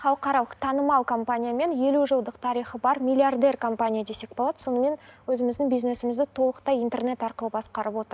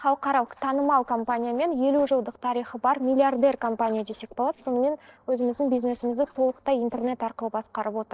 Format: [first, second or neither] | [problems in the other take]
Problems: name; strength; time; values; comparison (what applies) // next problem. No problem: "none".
first | noise reduction (neural separator model SepFormer DNS4)